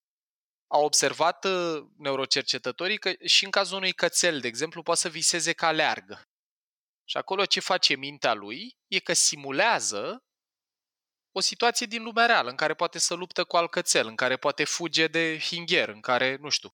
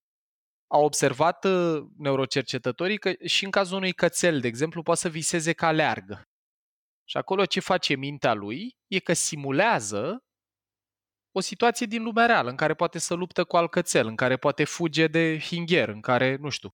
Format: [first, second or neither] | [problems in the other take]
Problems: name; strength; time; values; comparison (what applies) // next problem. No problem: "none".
second | thin; very slightly; fading below 600 Hz